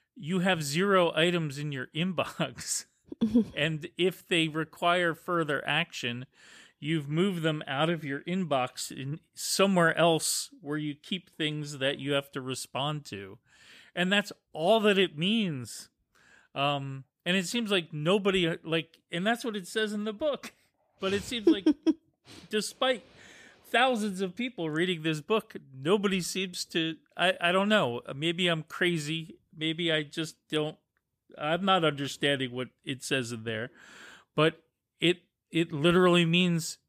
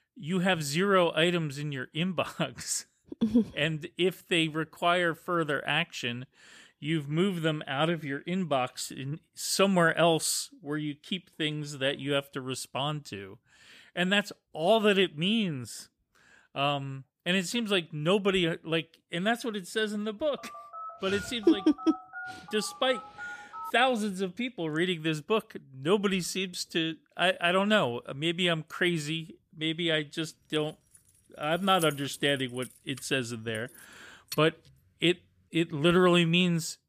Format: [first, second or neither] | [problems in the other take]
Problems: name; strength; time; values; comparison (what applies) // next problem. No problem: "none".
first | phone ringing; faint; from 20 to 24 s; peak 10 dB below the speech // jangling keys; faint; from 31 to 34 s; peak 10 dB below the speech